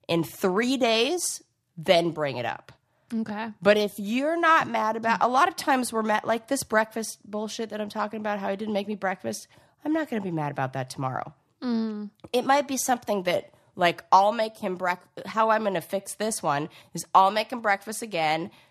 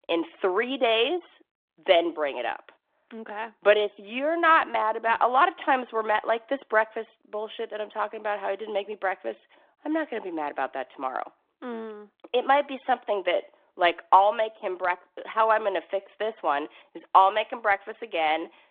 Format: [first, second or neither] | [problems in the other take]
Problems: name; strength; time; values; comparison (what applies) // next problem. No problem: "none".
first | phone-call audio; nothing above 3.5 kHz